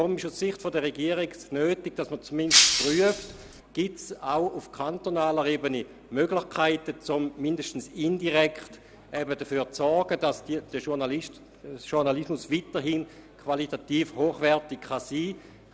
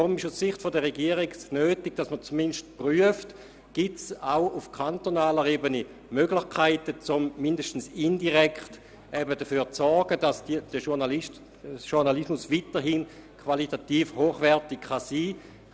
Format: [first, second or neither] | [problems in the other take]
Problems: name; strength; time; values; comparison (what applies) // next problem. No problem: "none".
second | background sound (Shatter); 4 dB above the speech